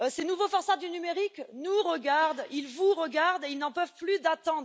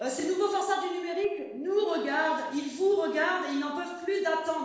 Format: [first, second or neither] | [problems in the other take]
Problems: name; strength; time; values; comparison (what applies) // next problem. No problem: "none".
first | noise reduction (neural separator model SepFormer DNS4)